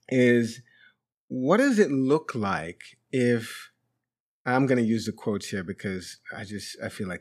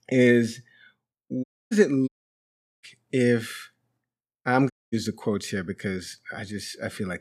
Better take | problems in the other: first | audio cutting out; at 1.5 s, at 2 s for 1 s and at 4.5 s

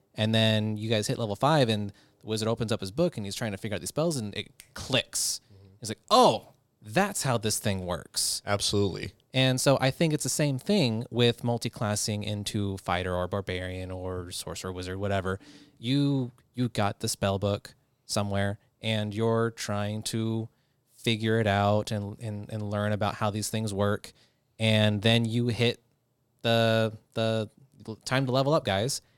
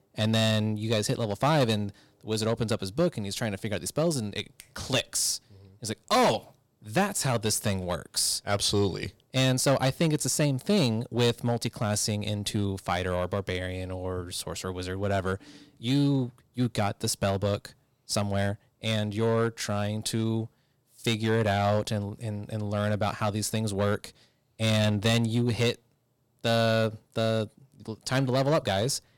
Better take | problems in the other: first | distortion; slight; 3% of the sound clipped

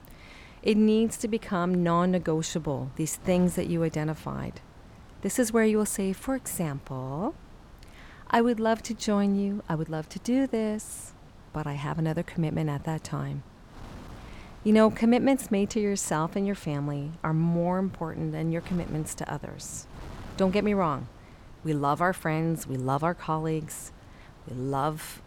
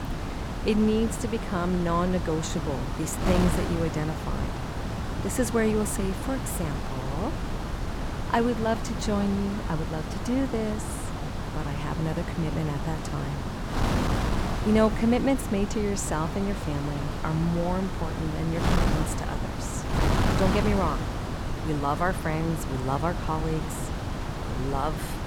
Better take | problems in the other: first | wind noise on the microphone; heavy; 3 dB below the speech; occasional gusts in the first

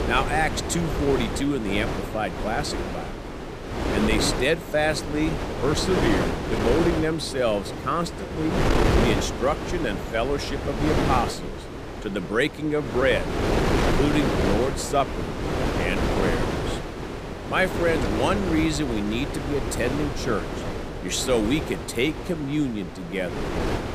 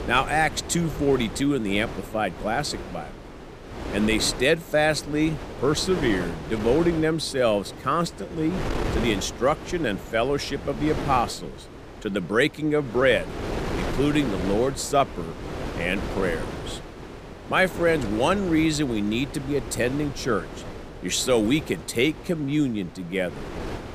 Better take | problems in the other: second | wind noise on the microphone; heavy; 3 dB below the speech; occasional gusts in the second

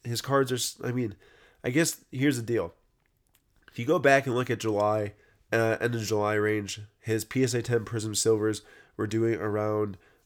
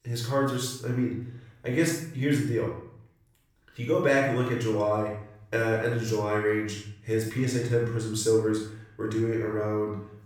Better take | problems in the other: first | off-mic speech; far // room echo; noticeable; dies away in 0.6 s

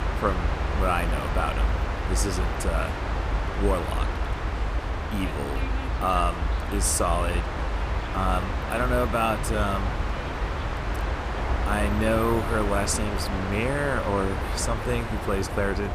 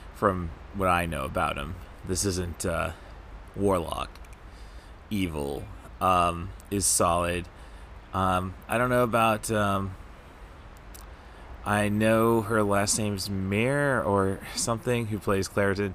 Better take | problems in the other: second | train or aircraft noise; loud; throughout; 1 dB below the speech; faint in the second

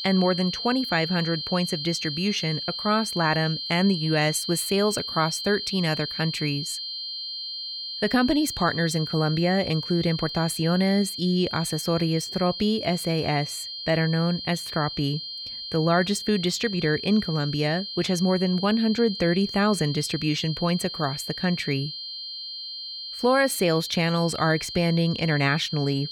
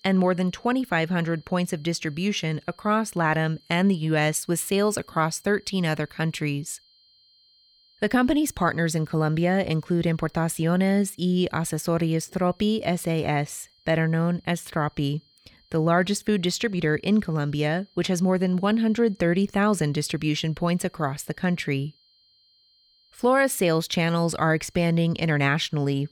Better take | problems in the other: second | high-pitched whine; loud; throughout; 4 kHz, 7 dB below the speech; faint in the second

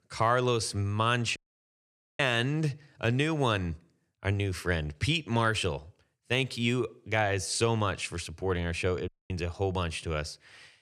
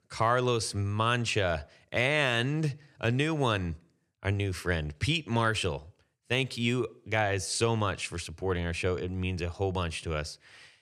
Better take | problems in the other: second | audio cutting out; at 1.5 s for 1 s and at 9 s

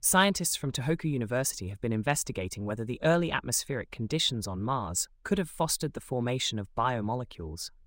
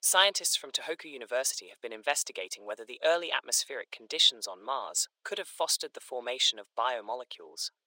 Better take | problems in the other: first | thin; very; fading below 450 Hz

